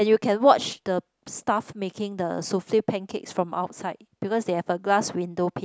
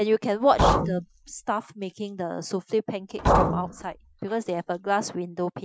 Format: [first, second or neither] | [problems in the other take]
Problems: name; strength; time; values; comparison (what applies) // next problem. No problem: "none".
first | noise reduction (classical method Wiener filter)